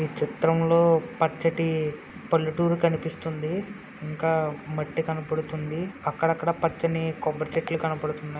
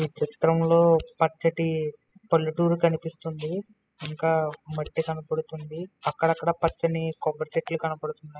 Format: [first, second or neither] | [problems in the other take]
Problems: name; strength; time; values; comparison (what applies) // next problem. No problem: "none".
first | noise reduction (classical method spectral subtraction)